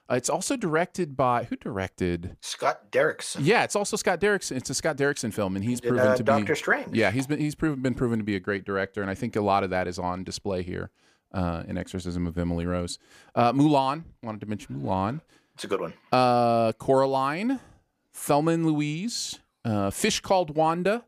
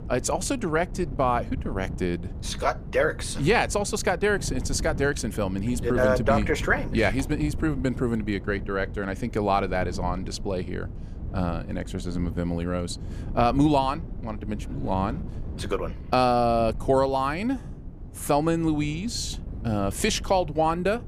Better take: first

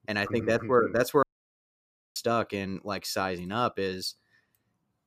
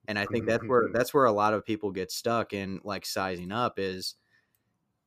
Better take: second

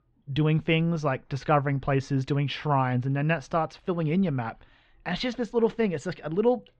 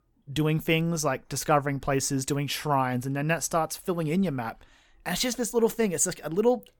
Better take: second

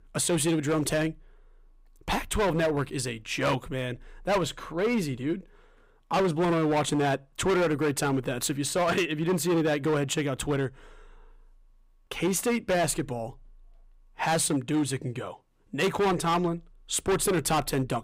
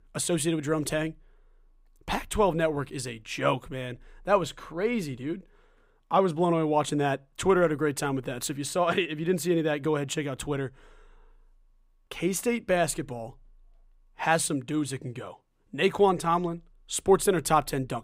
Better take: second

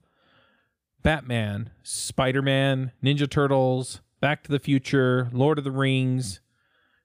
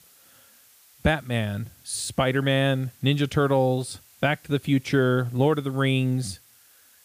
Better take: first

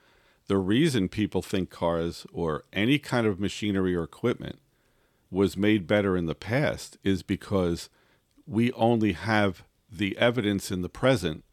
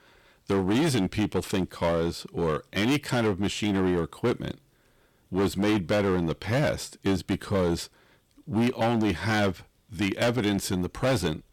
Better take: first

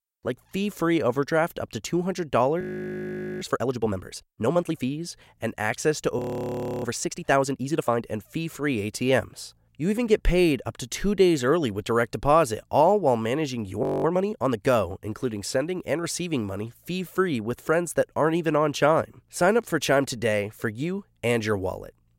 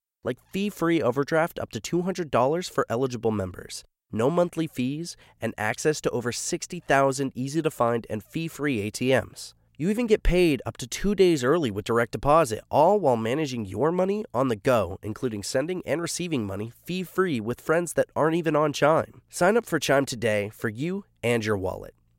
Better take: second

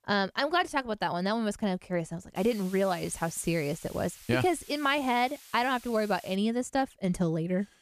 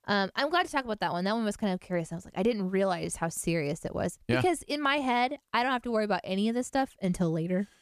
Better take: second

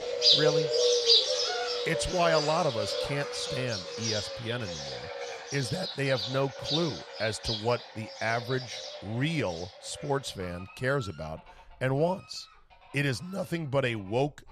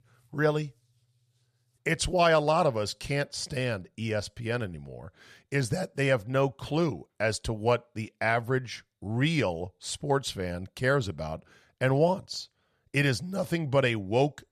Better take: second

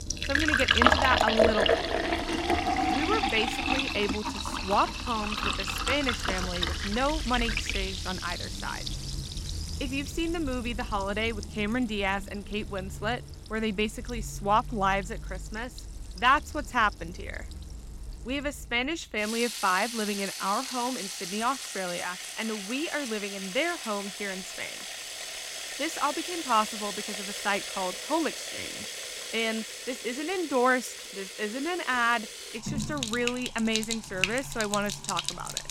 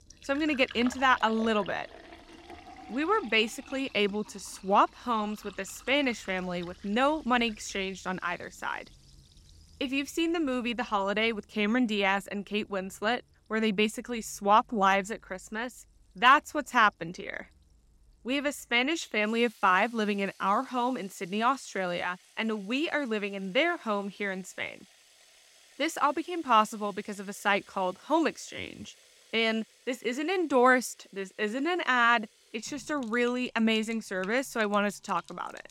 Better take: second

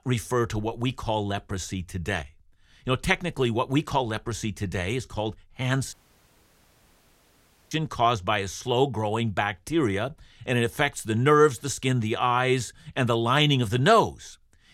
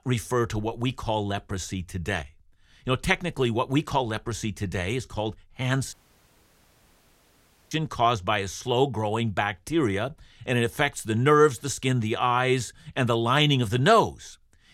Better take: neither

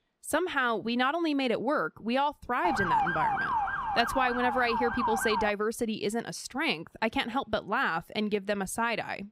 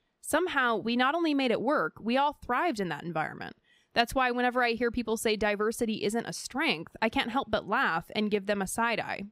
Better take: second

